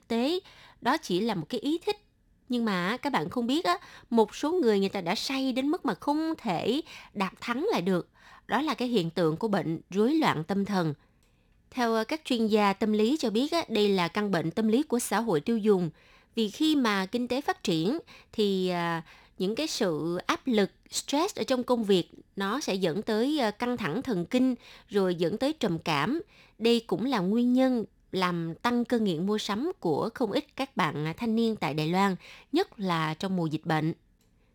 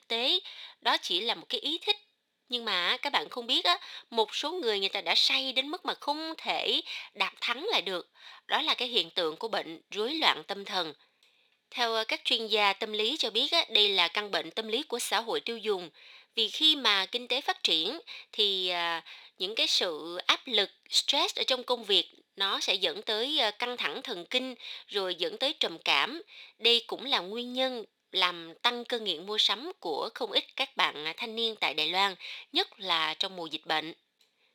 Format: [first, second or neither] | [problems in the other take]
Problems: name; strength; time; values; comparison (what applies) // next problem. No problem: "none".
first | thin; somewhat; fading below 550 Hz